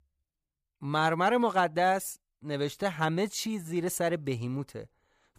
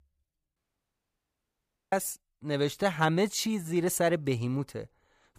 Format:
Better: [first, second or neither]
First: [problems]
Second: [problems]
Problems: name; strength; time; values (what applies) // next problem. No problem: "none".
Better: first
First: none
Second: audio cutting out; at 0.5 s for 1.5 s